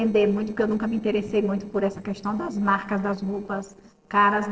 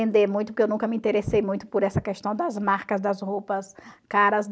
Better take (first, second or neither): second